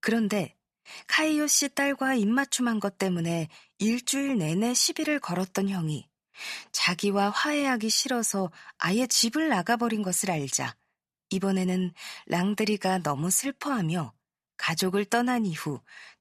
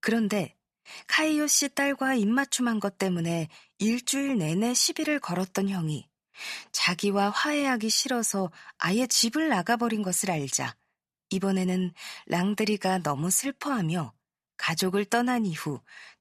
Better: neither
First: none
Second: none

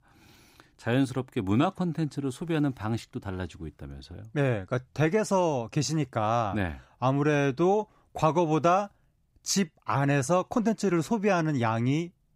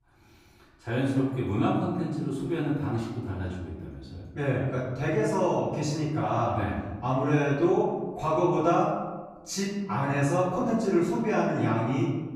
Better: first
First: none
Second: off-mic speech; far // room echo; noticeable; dies away in 1.2 s

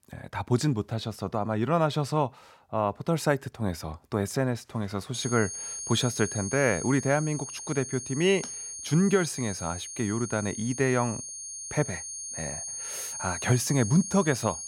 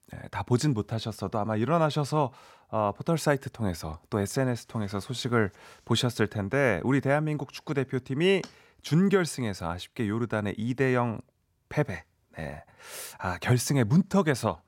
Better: second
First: high-pitched whine; loud; from 5 s on; 6.5 kHz, 7 dB below the speech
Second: none

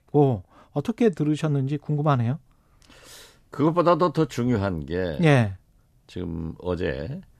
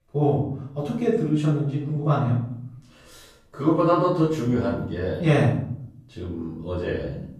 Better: first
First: none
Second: off-mic speech; far // room echo; noticeable; dies away in 0.6 s

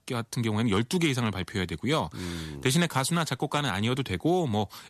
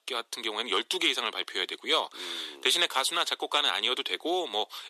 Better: first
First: none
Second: thin; very; fading below 350 Hz

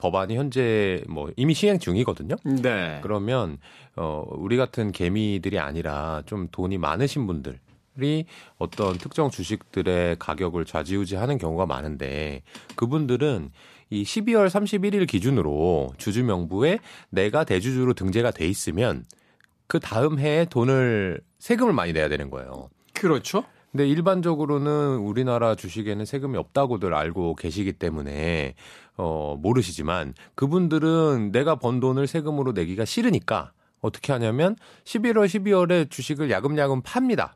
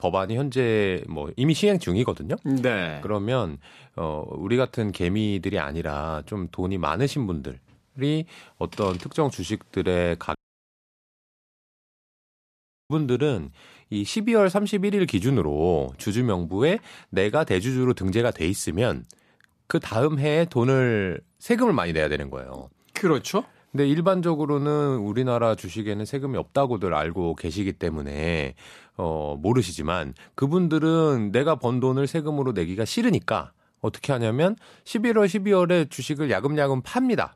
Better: first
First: none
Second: audio cutting out; at 10 s for 2.5 s

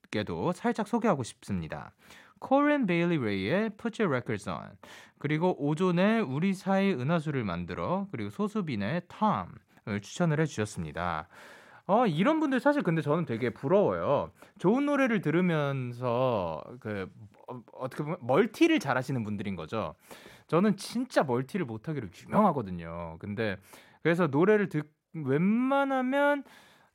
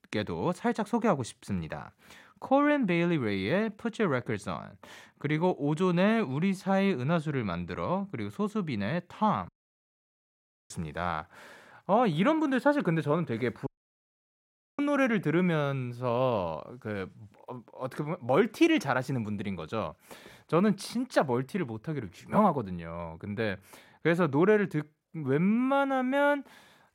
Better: first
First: none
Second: audio cutting out; at 9.5 s for 1 s and at 14 s for 1 s

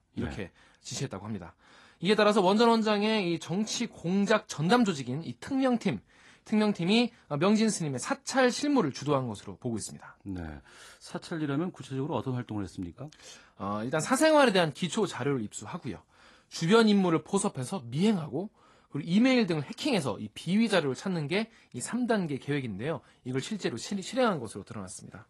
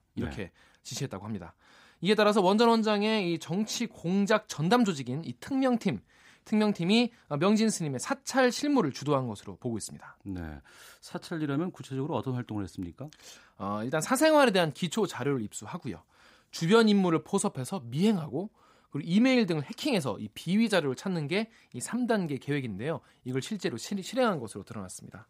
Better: second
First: garbled, watery; slightly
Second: none

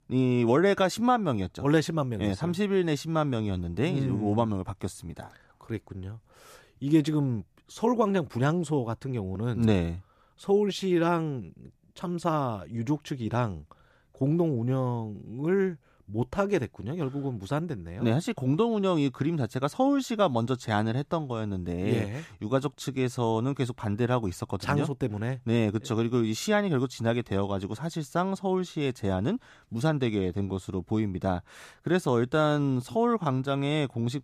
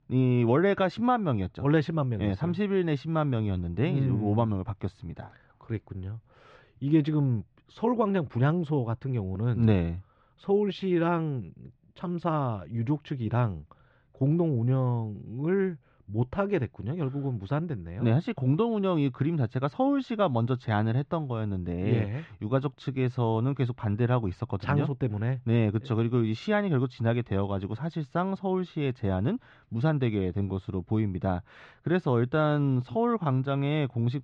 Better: first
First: none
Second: muffled; slightly; fading above 3.5 kHz

